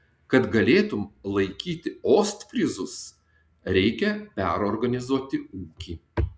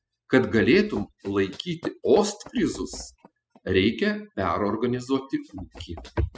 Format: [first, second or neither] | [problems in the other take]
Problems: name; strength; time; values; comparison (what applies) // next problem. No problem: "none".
first | noise reduction (classical method spectral subtraction)